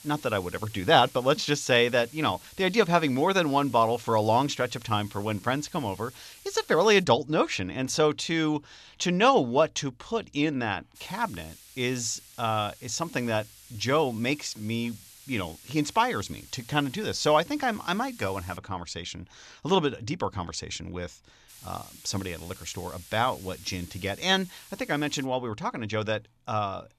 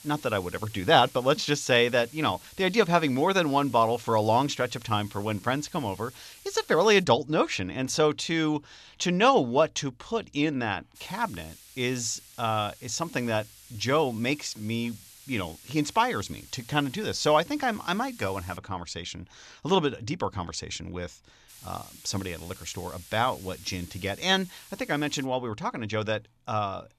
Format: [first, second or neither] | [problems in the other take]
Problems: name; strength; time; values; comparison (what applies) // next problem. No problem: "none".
neither | hiss; faint; until 7 s, from 11 to 19 s and from 21 to 25 s; 20 dB below the speech; the same in both